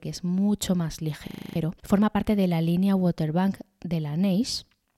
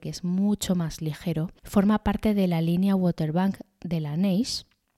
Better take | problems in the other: second | audio freezing; at 1.5 s

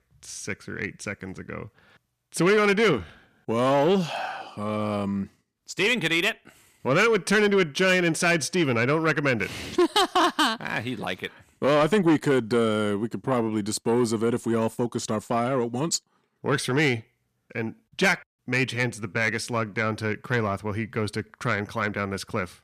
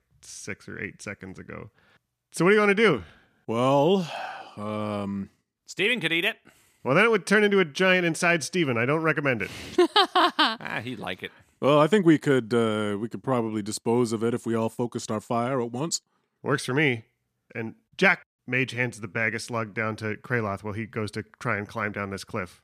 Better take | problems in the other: second | distortion; slight; 10 dB below the speech

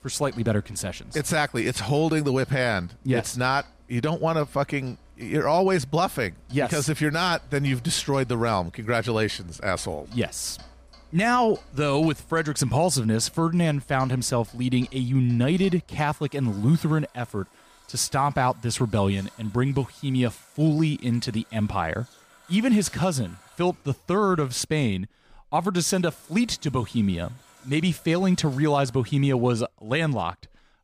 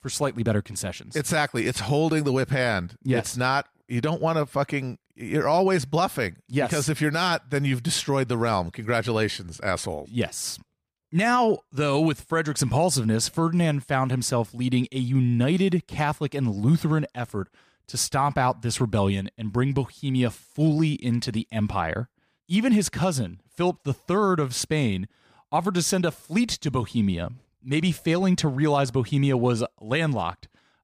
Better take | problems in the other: second | household noises; faint; throughout; 25 dB below the speech

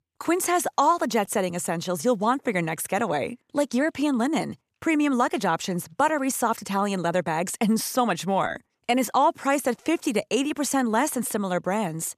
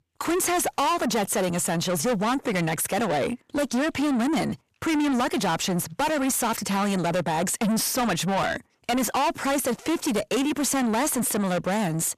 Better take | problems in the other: first | distortion; heavy; 6 dB below the speech

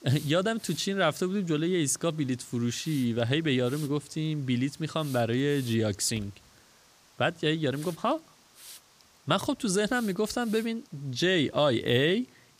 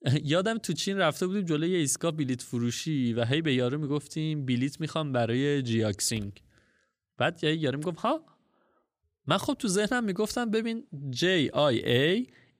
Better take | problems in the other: second | hiss; faint; throughout; 25 dB below the speech

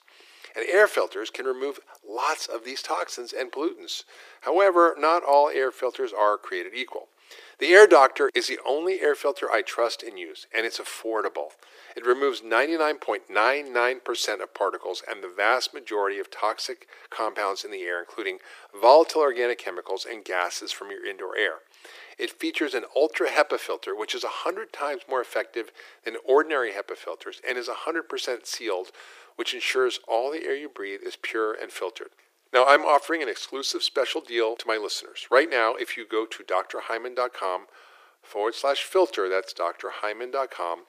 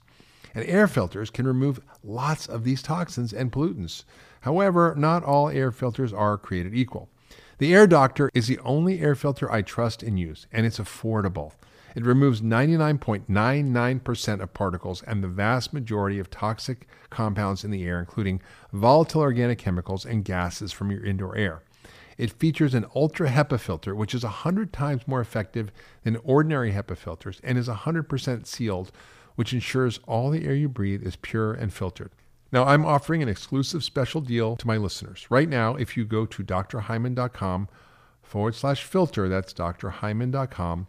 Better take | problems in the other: second | thin; very; fading below 350 Hz

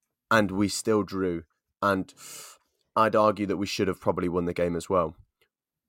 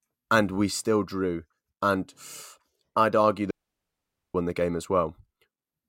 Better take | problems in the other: first | audio cutting out; at 3.5 s for 1 s

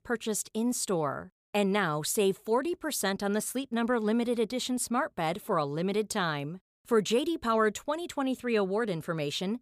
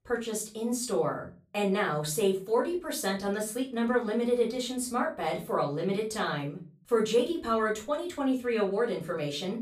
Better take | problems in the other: first | off-mic speech; far // room echo; slight; dies away in 0.3 s

